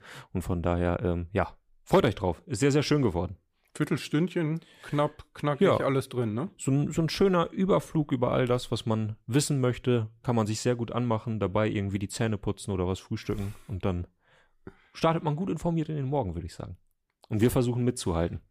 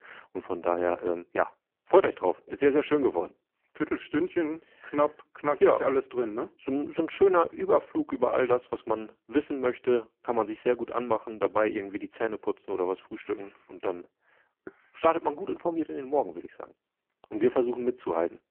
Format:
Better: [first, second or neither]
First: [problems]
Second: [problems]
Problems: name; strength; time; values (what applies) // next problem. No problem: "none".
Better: first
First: none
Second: phone-call audio; poor line